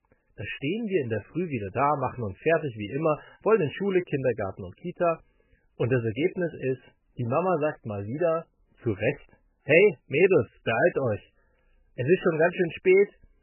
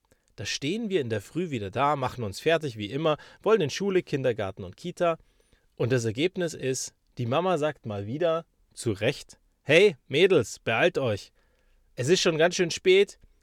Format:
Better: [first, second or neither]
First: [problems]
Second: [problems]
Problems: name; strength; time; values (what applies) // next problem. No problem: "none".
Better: second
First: garbled, watery; badly; nothing above 3 kHz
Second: none